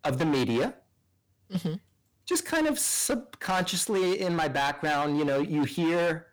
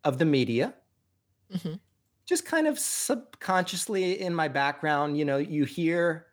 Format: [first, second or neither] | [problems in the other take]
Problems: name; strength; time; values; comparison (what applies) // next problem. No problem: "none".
second | distortion; heavy; 17% of the sound clipped